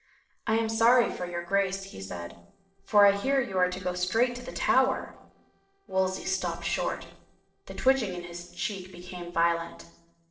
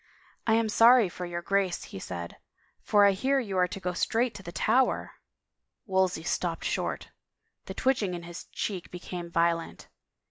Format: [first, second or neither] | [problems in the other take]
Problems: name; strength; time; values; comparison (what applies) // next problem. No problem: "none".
second | noise reduction (neural separator model SepFormer DNS4)